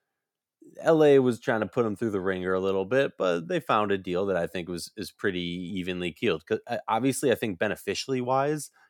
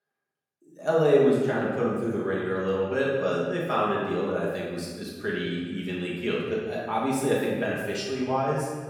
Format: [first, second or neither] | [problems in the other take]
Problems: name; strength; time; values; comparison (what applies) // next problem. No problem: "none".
first | off-mic speech; far // room echo; noticeable; dies away in 1.4 s